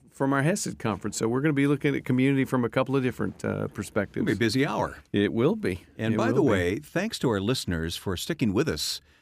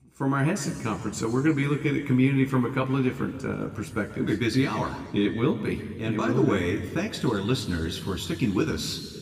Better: first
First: none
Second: room echo; slight; dies away in 1.8 s // off-mic speech; somewhat distant

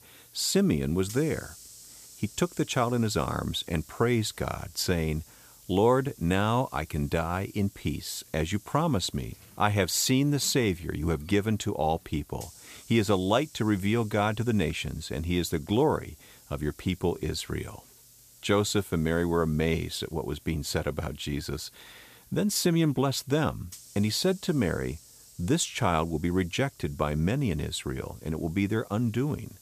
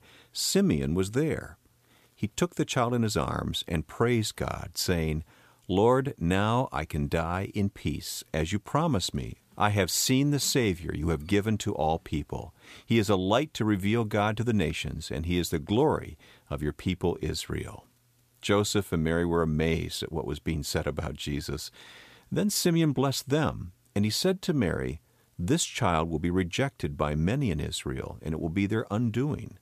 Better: second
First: hiss; faint; throughout; 20 dB below the speech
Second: none

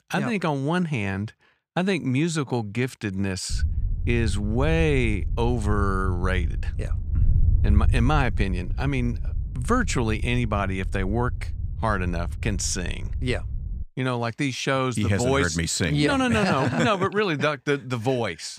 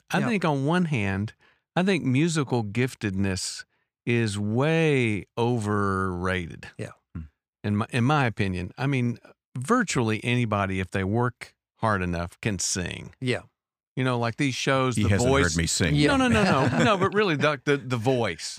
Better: second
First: wind noise on the microphone; occasional gusts; from 3.5 to 14 s; 20 dB below the speech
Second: none

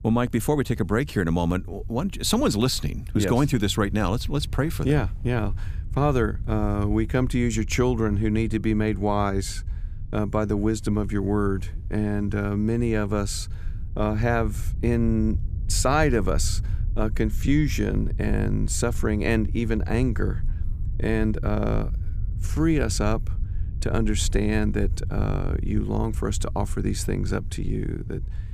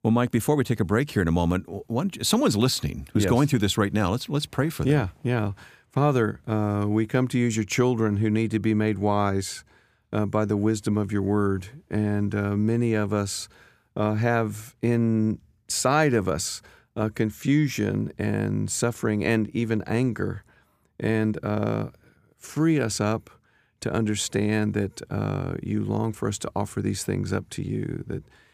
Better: second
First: low rumble; faint; throughout; 20 dB below the speech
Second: none

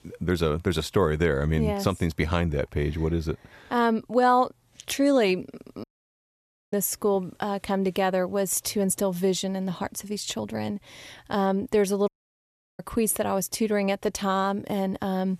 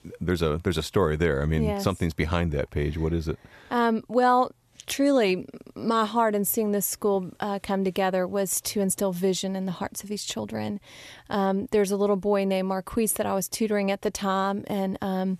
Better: second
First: audio cutting out; at 6 s for 1 s and at 12 s for 0.5 s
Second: none

